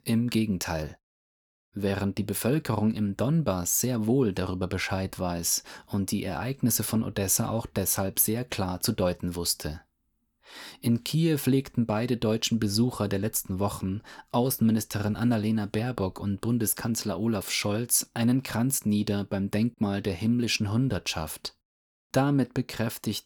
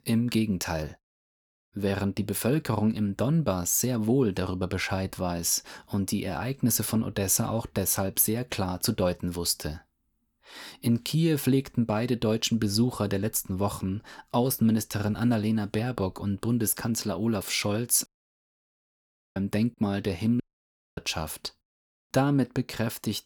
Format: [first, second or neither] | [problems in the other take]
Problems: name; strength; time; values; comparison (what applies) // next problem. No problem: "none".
first | audio cutting out; at 18 s for 1.5 s and at 20 s for 0.5 s